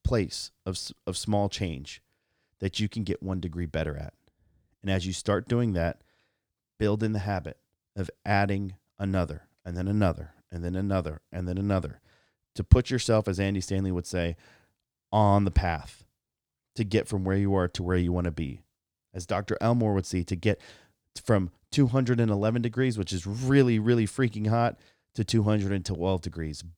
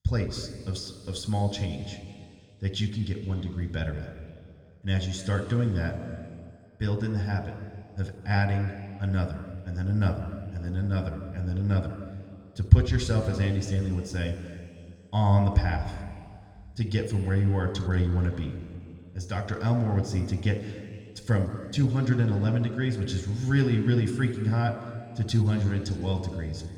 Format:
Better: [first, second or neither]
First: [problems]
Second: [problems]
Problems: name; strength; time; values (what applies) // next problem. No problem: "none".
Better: first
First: none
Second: room echo; noticeable; dies away in 2.2 s